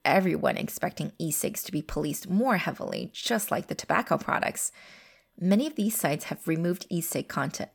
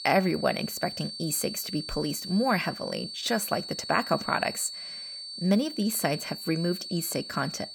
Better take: first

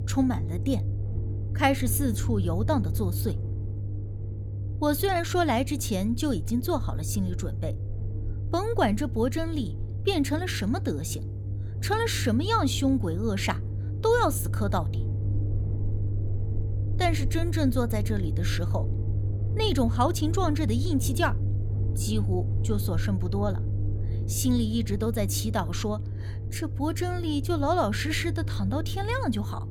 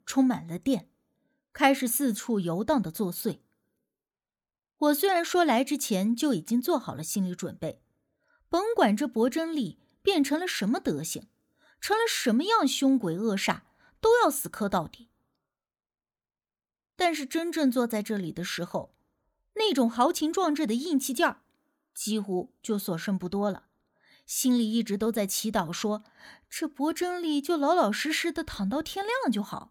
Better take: second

